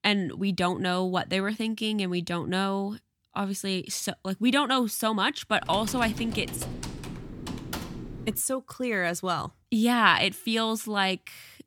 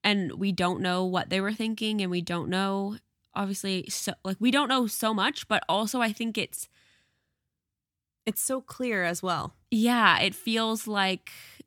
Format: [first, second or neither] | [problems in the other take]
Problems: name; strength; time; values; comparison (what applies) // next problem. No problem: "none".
second | keyboard typing; noticeable; from 5.5 to 8.5 s; peak 8 dB below the speech